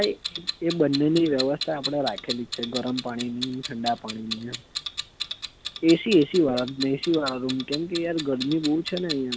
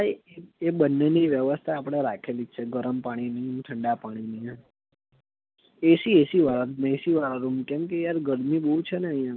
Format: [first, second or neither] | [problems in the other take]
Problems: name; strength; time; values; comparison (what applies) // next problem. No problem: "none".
second | background sound (Clock); 10 dB below the speech